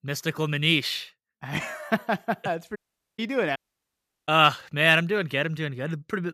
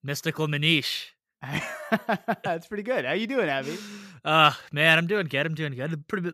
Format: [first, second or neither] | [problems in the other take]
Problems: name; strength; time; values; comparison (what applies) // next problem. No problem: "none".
second | audio cutting out; at 3 s and at 3.5 s for 0.5 s